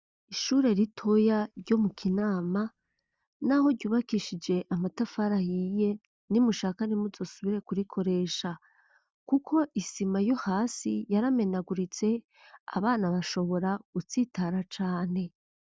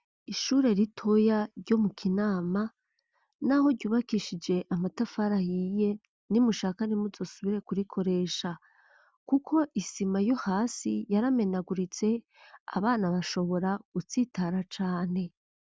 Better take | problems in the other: second | noise reduction (neural mask model DeepFilterNet 3)

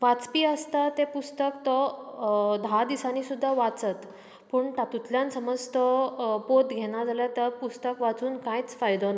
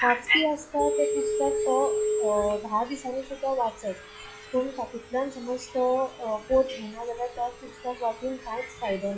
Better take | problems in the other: first | noise reduction (classical method log-MMSE)

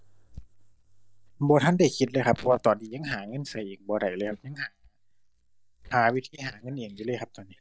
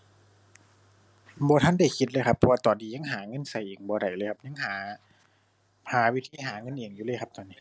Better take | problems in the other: second | noise reduction (neural mask model DeepFilterNet 3)

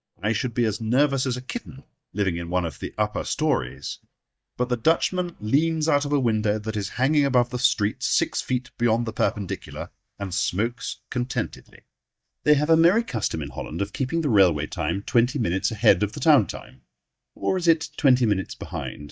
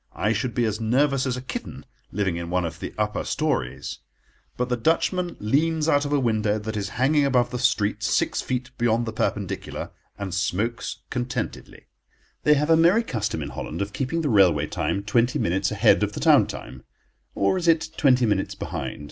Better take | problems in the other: second | noise reduction (neural mask model DeepFilterNet 3)

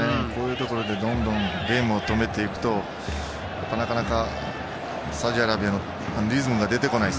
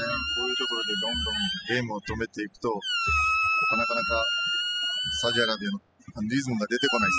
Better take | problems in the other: first | noise reduction (classical method spectral subtraction)

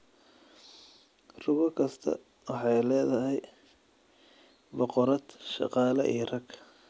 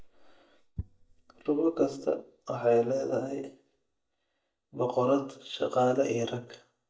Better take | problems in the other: first | noise reduction (neural mask model DeepFilterNet 3)

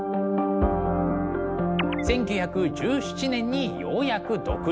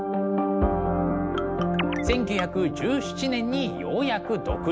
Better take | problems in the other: first | background sound (Marimba, xylophone); 14 dB below the speech

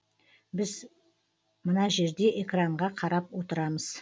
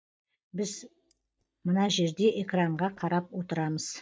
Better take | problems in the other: first | noise reduction (neural mask model DeepFilterNet 3)

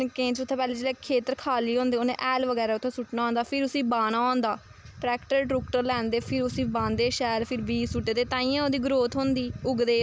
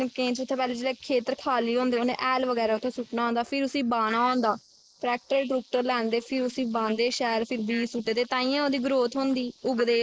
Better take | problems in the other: first | noise reduction (neural mask model Resemble Enhance denoiser)

